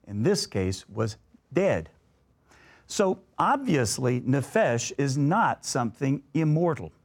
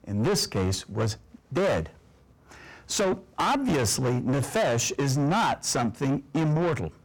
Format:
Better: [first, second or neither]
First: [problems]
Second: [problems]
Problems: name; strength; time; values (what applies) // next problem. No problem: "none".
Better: first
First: none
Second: distortion; heavy; 7 dB below the speech